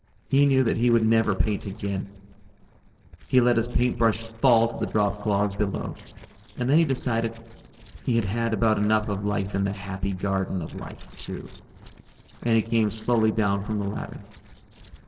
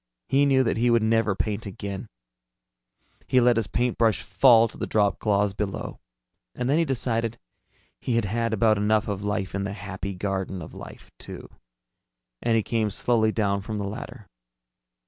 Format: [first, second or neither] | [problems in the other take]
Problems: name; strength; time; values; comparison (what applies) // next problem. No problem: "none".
second | noise reduction (neural separator model SepFormer DNS4)